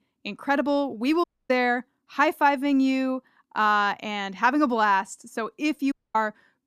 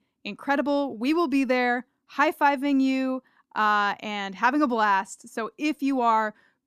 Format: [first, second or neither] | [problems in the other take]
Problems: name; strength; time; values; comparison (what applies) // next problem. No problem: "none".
second | audio cutting out; at 1 s and at 6 s